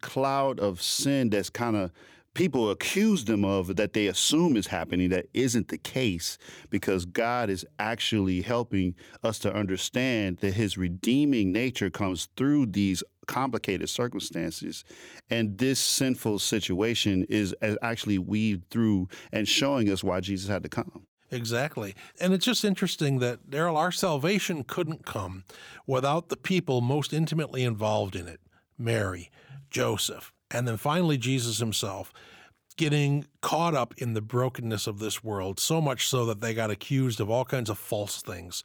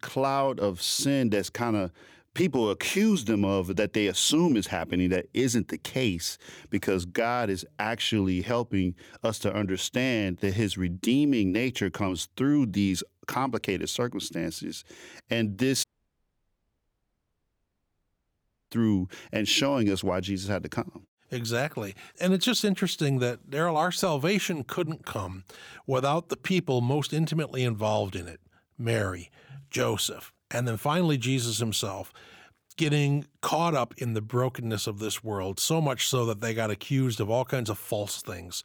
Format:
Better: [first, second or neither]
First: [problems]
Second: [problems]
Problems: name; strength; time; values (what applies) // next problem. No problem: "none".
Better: first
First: none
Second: audio cutting out; at 16 s for 3 s